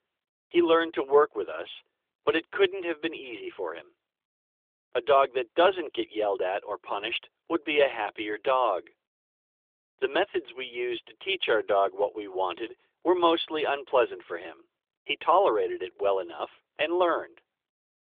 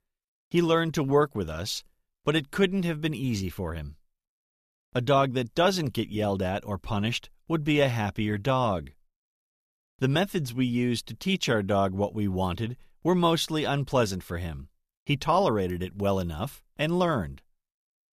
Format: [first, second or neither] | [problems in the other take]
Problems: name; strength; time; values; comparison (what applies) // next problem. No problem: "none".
second | phone-call audio; nothing above 3.5 kHz